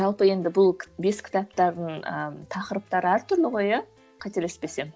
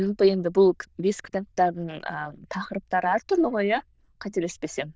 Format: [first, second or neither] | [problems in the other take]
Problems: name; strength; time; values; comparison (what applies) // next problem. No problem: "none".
first | noise reduction (neural diffusion model UNIVERSE++)